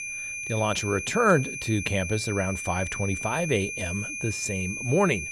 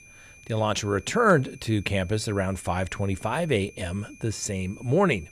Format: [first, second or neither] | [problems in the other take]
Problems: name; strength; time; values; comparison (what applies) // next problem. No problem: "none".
second | high-pitched whine; loud; throughout; 2.5 kHz, 5 dB below the speech; faint in the second